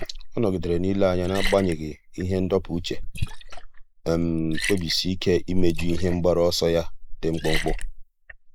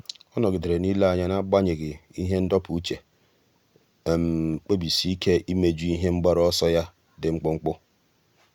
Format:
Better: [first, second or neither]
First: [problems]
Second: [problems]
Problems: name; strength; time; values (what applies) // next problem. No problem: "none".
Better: second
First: noise reduction (neural mask model Resemble Enhance denoiser)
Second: none